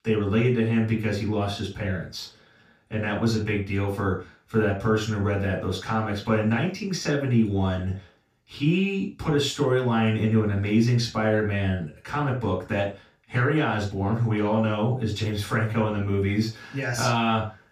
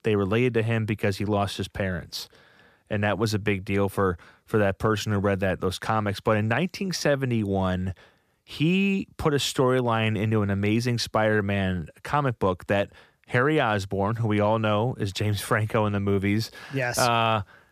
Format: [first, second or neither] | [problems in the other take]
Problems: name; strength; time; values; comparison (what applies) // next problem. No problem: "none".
second | room echo; noticeable; dies away in 0.3 s // off-mic speech; far